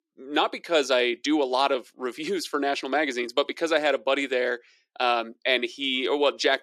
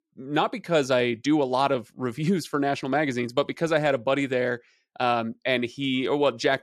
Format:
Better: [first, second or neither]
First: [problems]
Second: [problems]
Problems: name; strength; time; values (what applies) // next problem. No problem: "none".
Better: second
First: thin; very slightly; fading below 300 Hz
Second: none